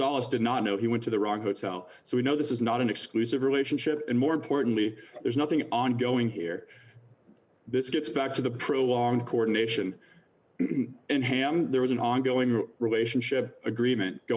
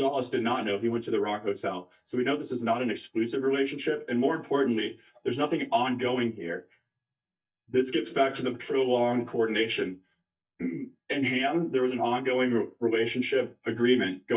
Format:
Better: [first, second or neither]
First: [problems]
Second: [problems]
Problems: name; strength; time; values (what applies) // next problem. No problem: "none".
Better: first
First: none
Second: noise reduction (neural mask model DeepFilterNet 3)